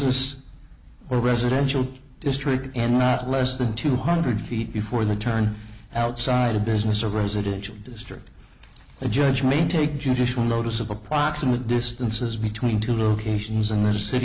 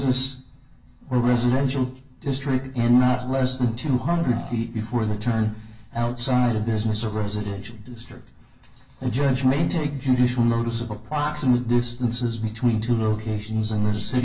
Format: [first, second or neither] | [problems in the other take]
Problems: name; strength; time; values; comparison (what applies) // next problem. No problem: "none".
first | background sound (Burping, eructation); 17 dB below the speech // room echo; dies away in 0.2 s